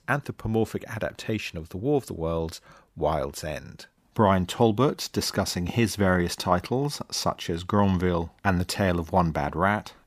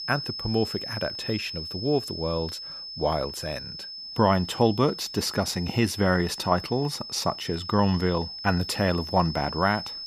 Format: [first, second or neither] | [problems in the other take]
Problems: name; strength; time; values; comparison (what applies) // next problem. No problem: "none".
first | high-pitched whine; loud; throughout; 5 kHz, 8 dB below the speech